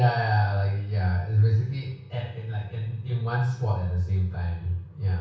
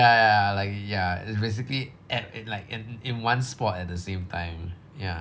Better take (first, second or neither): second